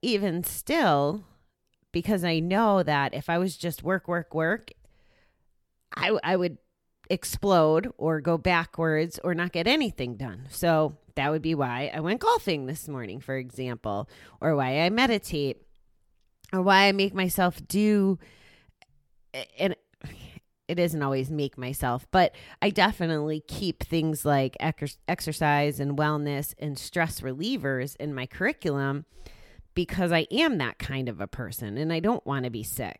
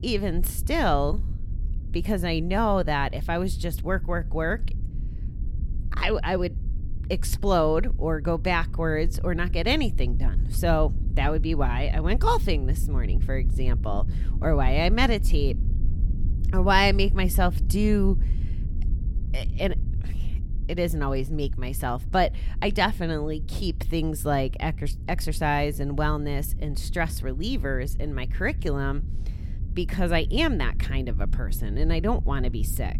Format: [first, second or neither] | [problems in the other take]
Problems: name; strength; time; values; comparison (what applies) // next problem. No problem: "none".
first | low rumble; noticeable; throughout; 20 dB below the speech